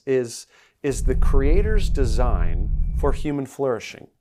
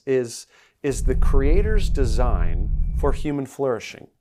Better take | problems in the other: neither | low rumble; noticeable; from 1 to 3 s; 15 dB below the speech; the same in both

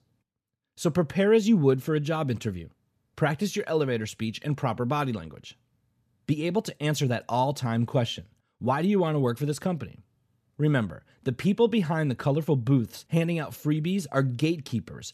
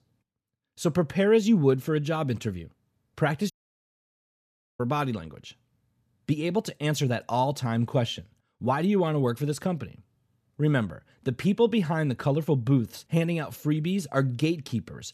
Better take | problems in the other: first | audio cutting out; at 3.5 s for 1.5 s

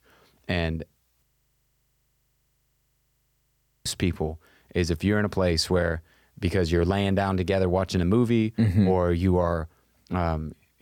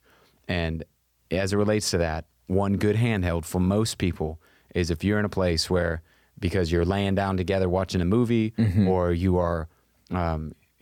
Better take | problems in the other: second | audio freezing; at 1 s for 2.5 s

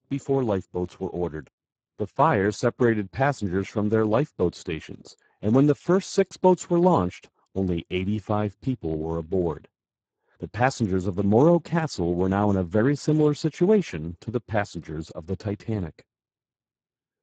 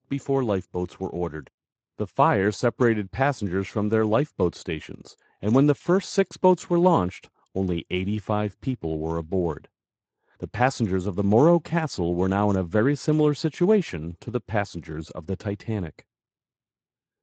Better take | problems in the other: second | garbled, watery; badly; nothing above 7.5 kHz; slightly in the second

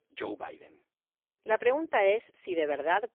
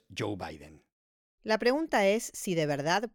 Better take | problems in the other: second | phone-call audio; poor line; nothing above 3 kHz

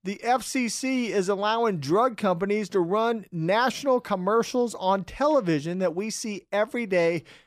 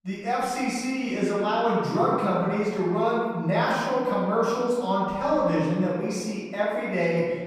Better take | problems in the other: first | off-mic speech; far // room echo; strong; dies away in 1.4 s

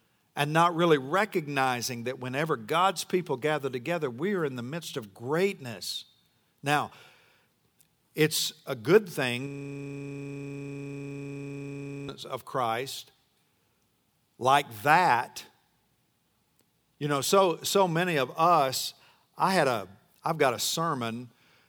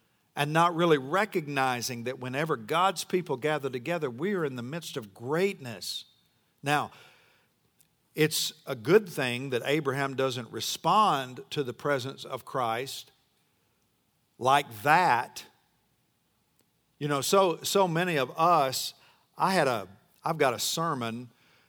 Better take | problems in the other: second | audio freezing; at 9.5 s for 2.5 s

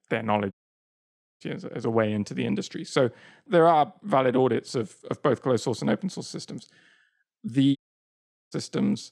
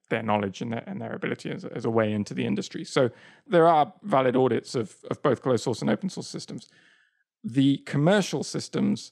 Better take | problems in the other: second | audio cutting out; at 0.5 s for 1 s and at 8 s for 1 s

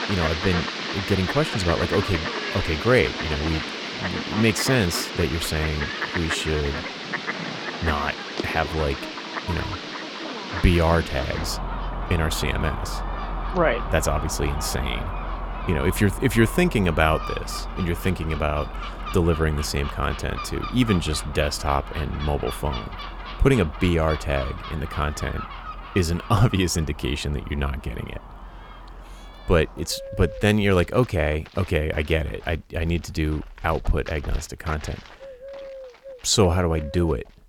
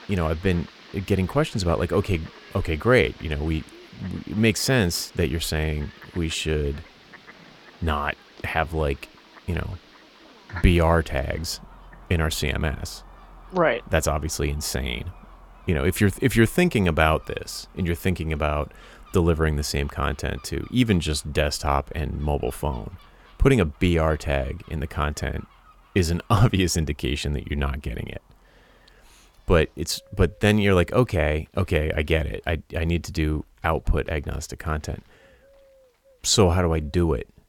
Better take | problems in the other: second | animal sounds; loud; throughout; 7 dB below the speech; faint in the second

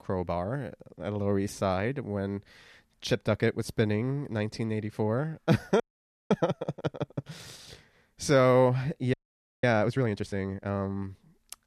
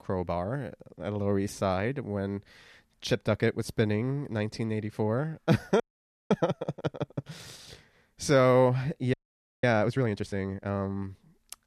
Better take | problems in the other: neither | audio freezing; at 6 s for 0.5 s and at 9 s; the same in both

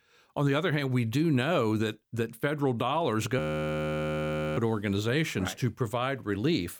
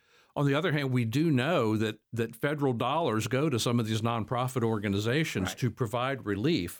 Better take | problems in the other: second | audio freezing; at 3.5 s for 1 s

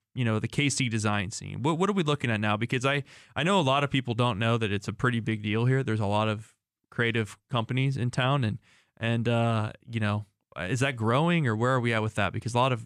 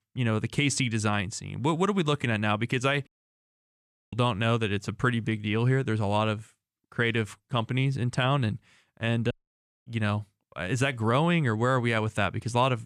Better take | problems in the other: first | audio cutting out; at 3 s for 1 s and at 9.5 s for 0.5 s

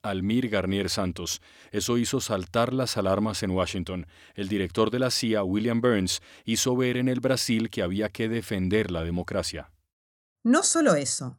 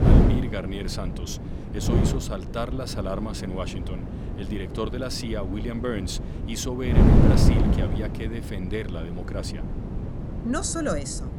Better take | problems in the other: first | wind noise on the microphone; heavy; 1 dB below the speech

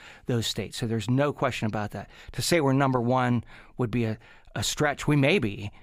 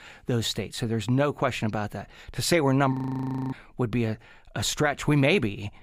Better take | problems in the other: first | audio freezing; at 3 s for 0.5 s

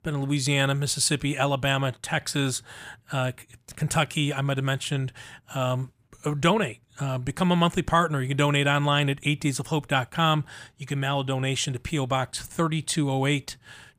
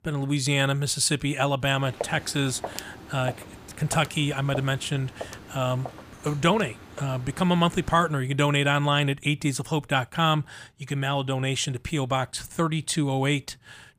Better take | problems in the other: first | footsteps; faint; from 2 to 7.5 s; peak 10 dB below the speech

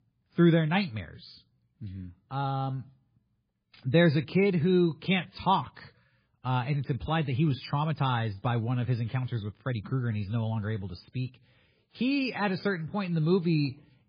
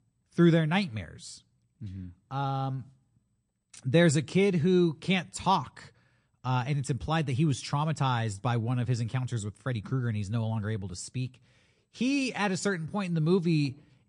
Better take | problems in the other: second | garbled, watery; badly; slightly in the second

